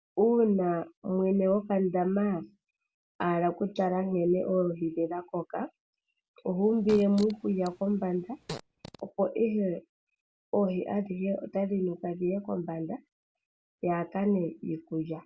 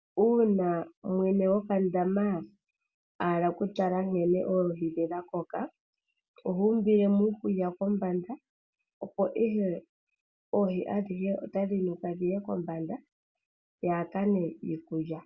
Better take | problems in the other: second | background sound (Fart); 16 dB below the speech

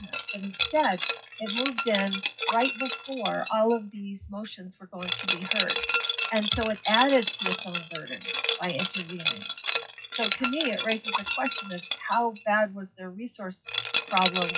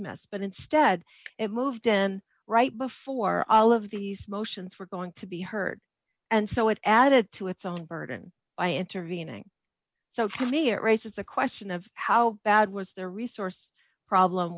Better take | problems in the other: second | noise reduction (classical method WPE with log-MMSE)

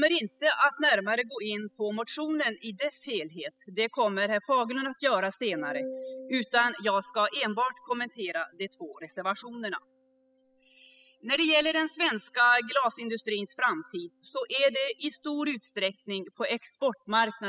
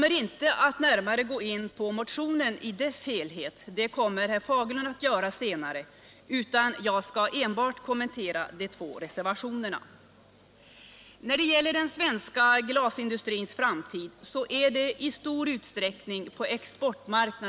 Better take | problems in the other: second | noise reduction (classical method spectral subtraction)

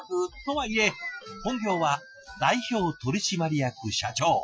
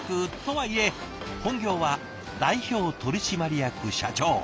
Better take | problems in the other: second | noise reduction (classical method Wiener filter)

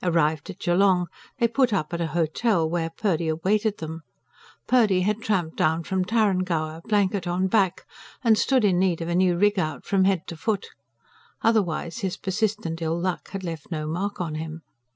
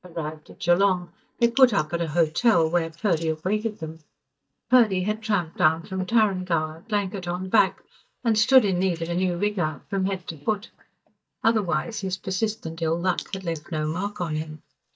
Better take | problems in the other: first | noise reduction (neural mask model DeepFilterNet 3)

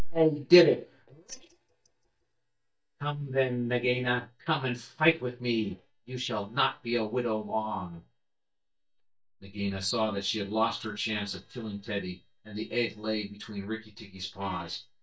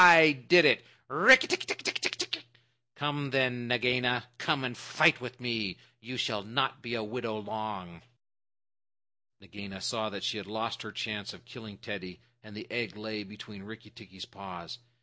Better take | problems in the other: second | noise reduction (neural mask model DeepFilterNet 3)

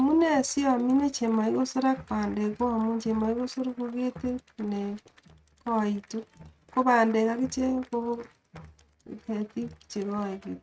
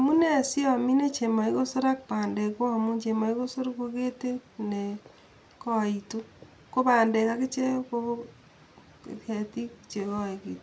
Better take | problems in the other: second | noise reduction (neural mask model RNNoise)

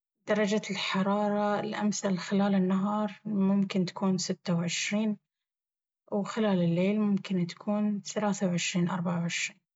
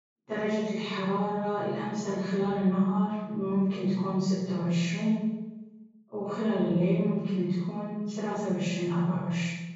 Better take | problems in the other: first | room echo; dies away in 1.3 s

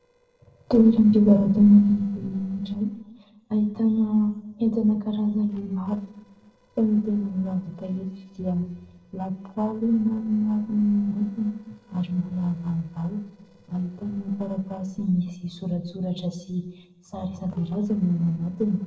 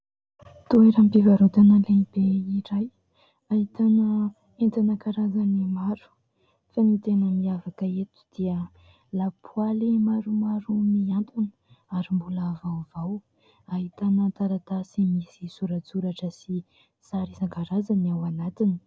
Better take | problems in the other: second | noise reduction (neural separator model SepFormer DNS4)

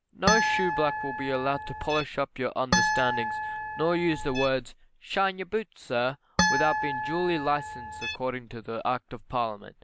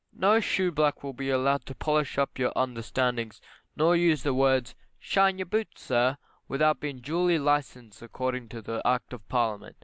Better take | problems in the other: second | background sound (Harp); 1 dB above the speech

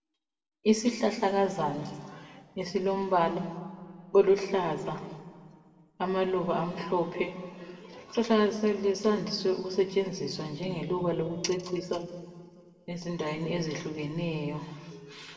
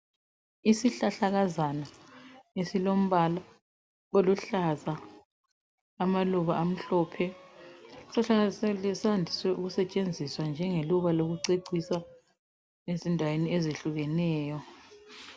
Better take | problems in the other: second | room echo; dies away in 1.7 s

